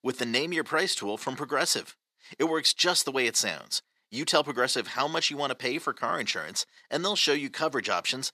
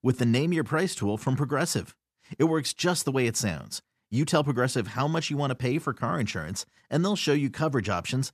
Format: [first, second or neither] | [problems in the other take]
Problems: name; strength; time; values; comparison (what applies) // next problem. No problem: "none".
second | thin; somewhat; fading below 400 Hz